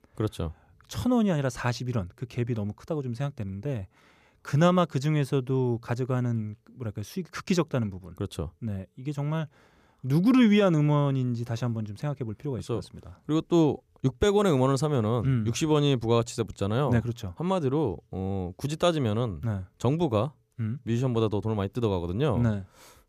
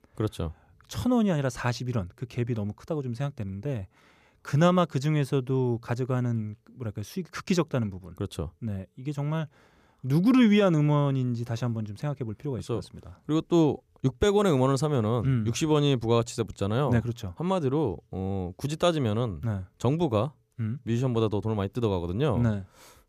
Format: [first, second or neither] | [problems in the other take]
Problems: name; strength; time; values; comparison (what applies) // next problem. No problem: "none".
neither | none